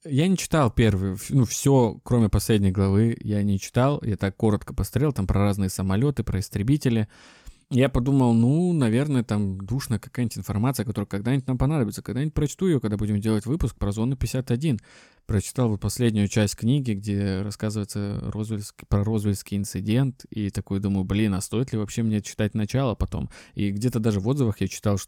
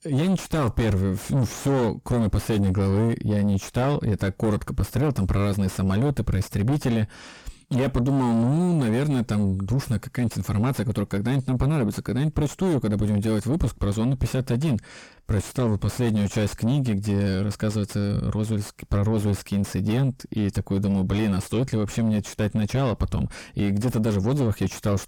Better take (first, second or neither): first